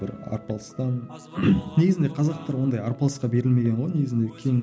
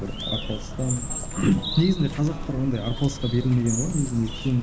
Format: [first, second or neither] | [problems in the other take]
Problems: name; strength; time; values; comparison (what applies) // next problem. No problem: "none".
first | background sound (Bird); 7 dB below the speech